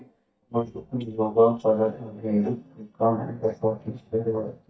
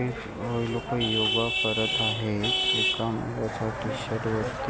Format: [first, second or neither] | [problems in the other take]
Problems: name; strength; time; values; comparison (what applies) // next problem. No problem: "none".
second | noise reduction (neural mask model DeepFilterNet 3)